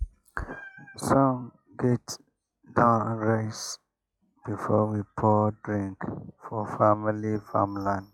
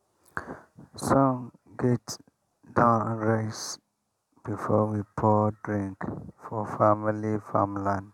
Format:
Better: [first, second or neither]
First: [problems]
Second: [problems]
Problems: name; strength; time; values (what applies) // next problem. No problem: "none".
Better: second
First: noise reduction (classical method log-MMSE)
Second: none